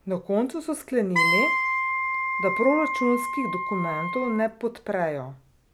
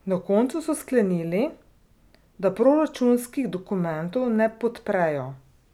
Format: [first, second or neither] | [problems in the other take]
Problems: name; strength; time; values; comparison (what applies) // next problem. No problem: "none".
second | background sound (Wind instrument, woodwind instrument); 1 dB above the speech